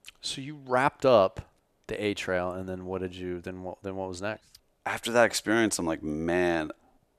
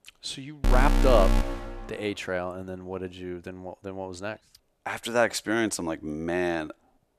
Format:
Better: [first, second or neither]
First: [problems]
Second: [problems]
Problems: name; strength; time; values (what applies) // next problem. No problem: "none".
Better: first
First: none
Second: alarm; loud; from 0.5 to 1.5 s; peak 4 dB above the speech